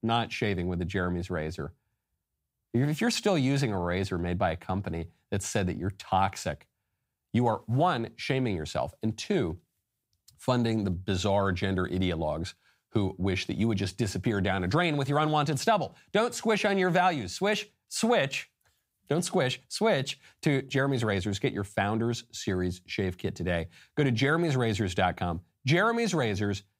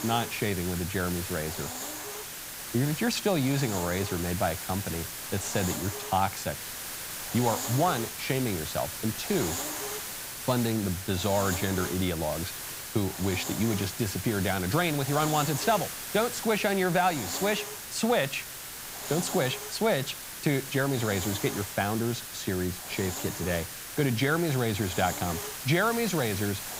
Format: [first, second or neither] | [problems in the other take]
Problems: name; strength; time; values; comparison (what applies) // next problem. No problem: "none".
first | hiss; loud; throughout; 6 dB below the speech